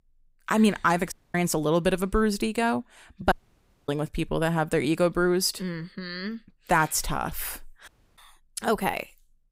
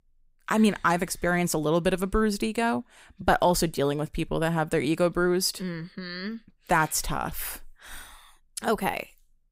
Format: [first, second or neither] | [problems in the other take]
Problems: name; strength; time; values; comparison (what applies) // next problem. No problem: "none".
second | audio cutting out; at 1 s, at 3.5 s for 0.5 s and at 8 s